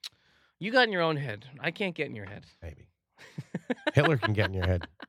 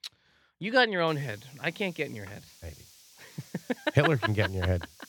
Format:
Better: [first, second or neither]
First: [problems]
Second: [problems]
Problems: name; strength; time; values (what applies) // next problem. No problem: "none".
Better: first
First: none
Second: hiss; faint; from 1 s on; 25 dB below the speech